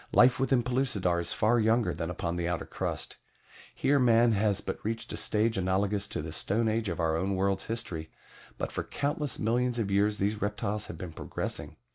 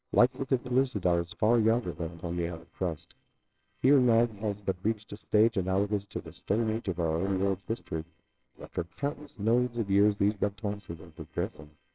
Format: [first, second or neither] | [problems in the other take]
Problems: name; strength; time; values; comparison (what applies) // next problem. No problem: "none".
first | noise reduction (neural separator model SepFormer WHAMR!)